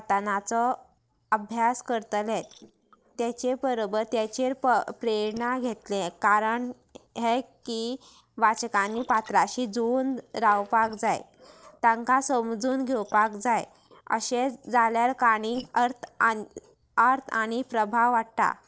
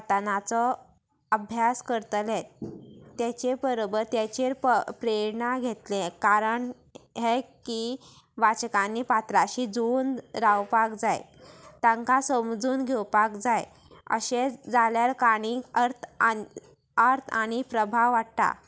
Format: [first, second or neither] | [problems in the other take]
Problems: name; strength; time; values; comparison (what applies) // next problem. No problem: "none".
second | noise reduction (neural separator model SepFormer DNS4)